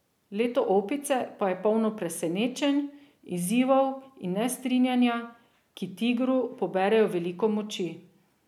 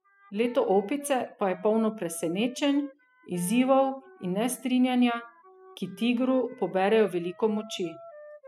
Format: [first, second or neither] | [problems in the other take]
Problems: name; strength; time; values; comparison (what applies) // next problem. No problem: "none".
first | noise reduction (classical method spectral subtraction)